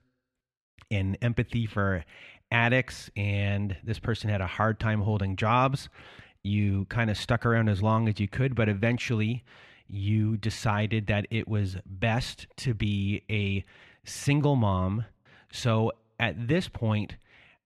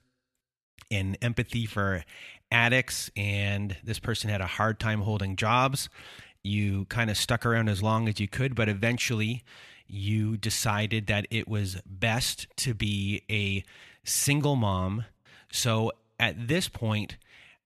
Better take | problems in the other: second | muffled; slightly; fading above 1.5 kHz

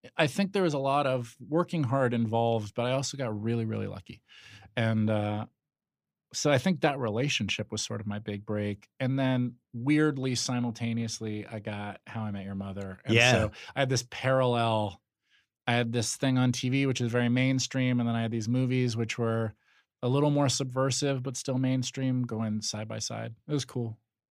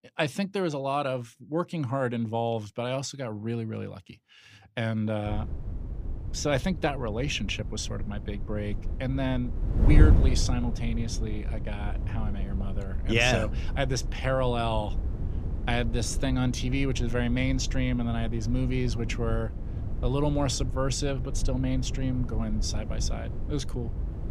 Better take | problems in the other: first | wind noise on the microphone; occasional gusts; from 5.5 s on; 15 dB below the speech

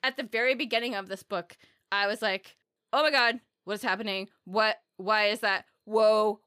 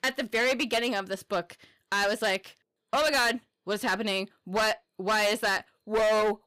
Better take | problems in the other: first | distortion; heavy; 13% of the sound clipped

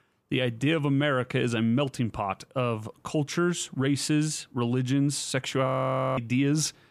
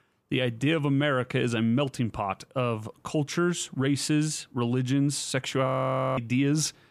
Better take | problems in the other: neither | audio freezing; at 5.5 s for 0.5 s; the same in both

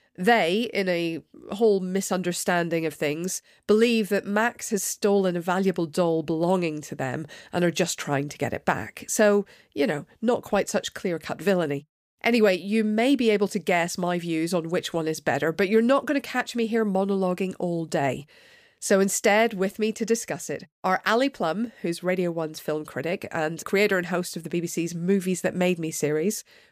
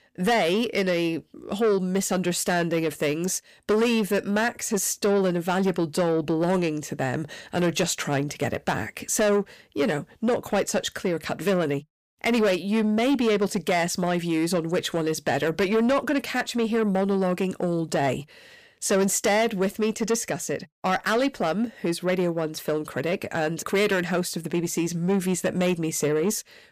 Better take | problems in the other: first | distortion; slight; 10 dB below the speech

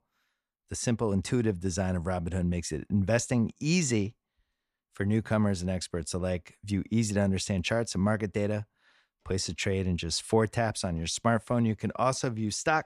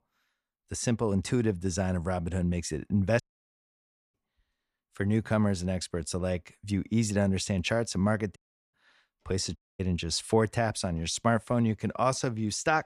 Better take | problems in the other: first | audio cutting out; at 3 s for 1 s, at 8.5 s and at 9.5 s

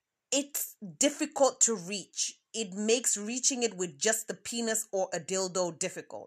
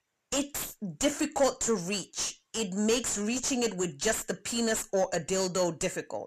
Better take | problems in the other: first | distortion; heavy; 5 dB below the speech

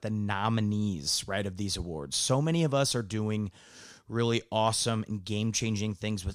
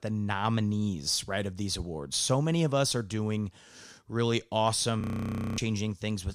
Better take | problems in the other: first | audio freezing; at 5 s for 0.5 s

